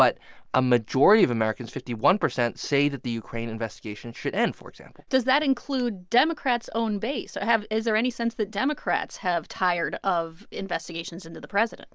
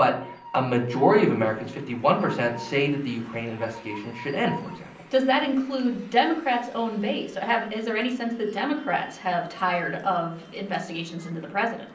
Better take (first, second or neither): first